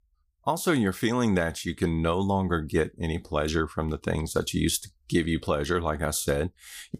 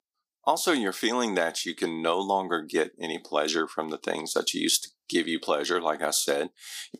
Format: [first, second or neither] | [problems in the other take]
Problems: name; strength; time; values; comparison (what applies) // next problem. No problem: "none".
first | thin; somewhat; fading below 250 Hz